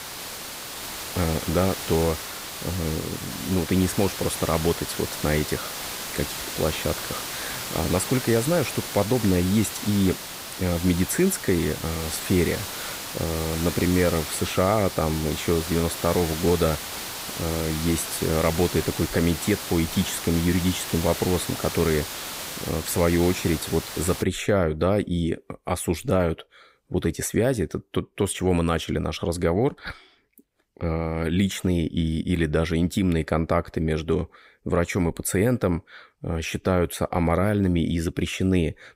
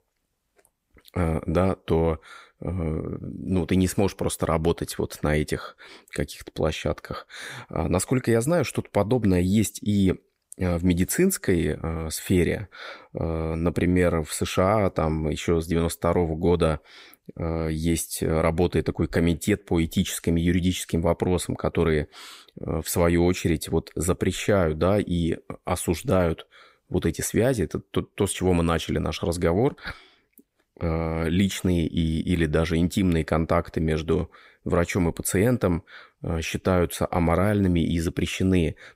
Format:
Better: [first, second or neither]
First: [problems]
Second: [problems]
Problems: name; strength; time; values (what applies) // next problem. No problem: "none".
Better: second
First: hiss; loud; until 24 s; 7 dB below the speech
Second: none